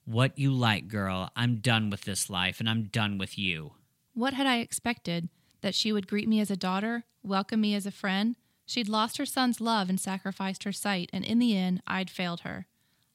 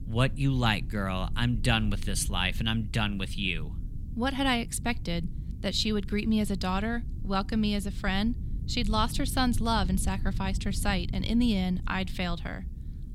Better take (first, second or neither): first